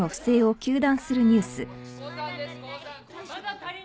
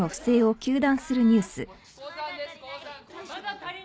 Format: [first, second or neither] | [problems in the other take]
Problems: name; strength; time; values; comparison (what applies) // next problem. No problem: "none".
second | background sound (Bowed string instrument); 19 dB below the speech